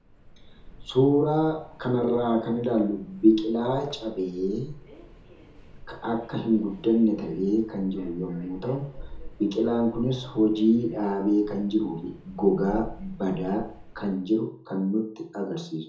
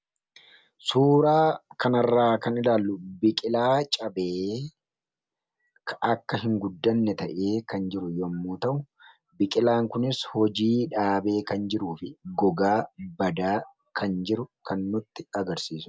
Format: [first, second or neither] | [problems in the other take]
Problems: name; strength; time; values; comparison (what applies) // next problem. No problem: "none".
second | background sound (Subway, metro, underground); 19 dB below the speech // room echo; dies away in 0.5 s